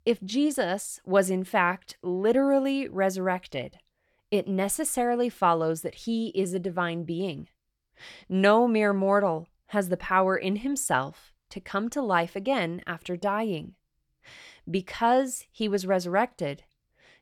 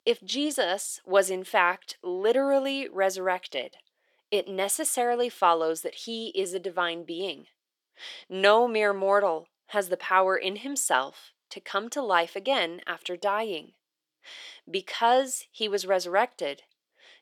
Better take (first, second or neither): first